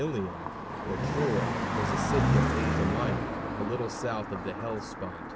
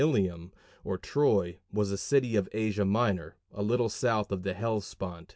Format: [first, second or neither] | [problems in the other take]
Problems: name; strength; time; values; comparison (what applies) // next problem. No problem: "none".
second | background sound (Car passing by); 4 dB above the speech